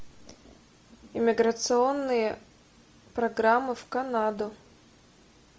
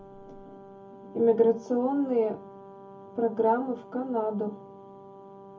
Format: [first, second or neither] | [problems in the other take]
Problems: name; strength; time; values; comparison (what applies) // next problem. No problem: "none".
first | background sound (Brass instrument); 18 dB below the speech // room echo; dies away in 0.3 s